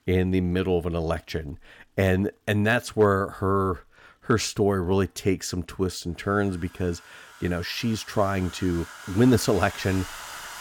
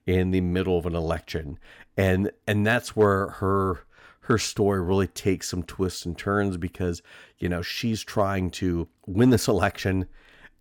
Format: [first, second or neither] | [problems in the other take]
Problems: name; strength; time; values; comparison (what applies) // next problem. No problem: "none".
second | household noises; noticeable; throughout; 15 dB below the speech